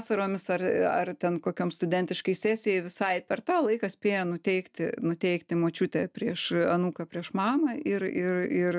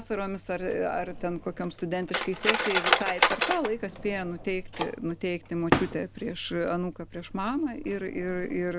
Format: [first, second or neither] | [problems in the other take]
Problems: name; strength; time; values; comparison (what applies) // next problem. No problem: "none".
first | background sound (Cutlery, silverware); 1 dB below the speech